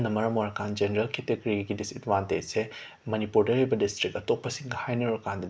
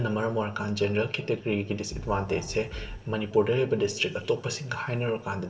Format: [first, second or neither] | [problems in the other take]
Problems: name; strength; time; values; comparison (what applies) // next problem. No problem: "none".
first | background sound (Fireworks); 17 dB below the speech // room echo; dies away in 2.4 s